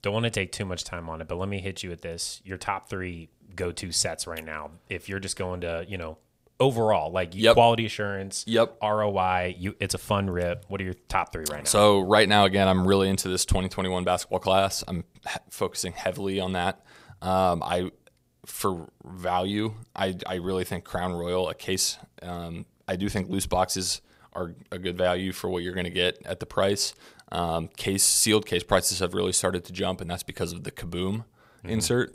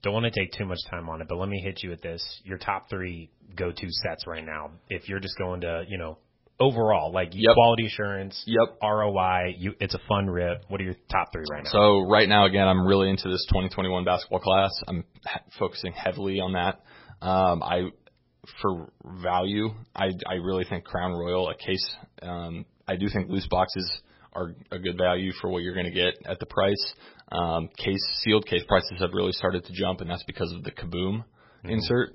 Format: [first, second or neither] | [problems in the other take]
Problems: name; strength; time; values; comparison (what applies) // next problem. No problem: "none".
first | garbled, watery; badly; nothing above 5.5 kHz